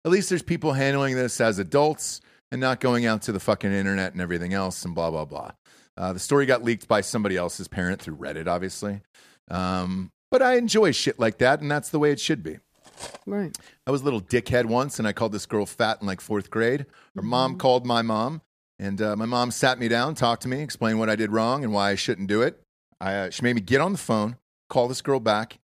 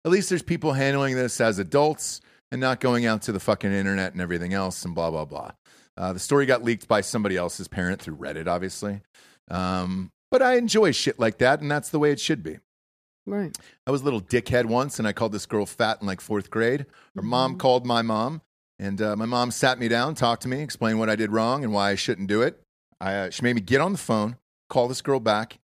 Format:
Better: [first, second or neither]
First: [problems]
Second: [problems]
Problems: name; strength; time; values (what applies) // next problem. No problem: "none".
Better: second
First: clattering dishes; faint; at 13 s; peak 15 dB below the speech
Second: none